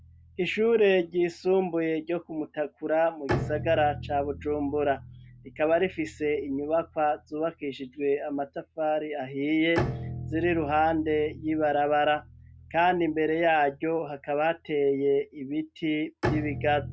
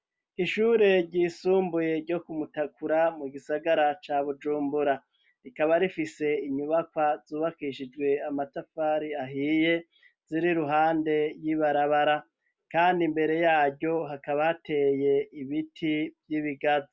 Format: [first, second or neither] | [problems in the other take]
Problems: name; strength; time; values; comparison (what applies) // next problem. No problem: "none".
second | background sound (Bowed string instrument); 12 dB below the speech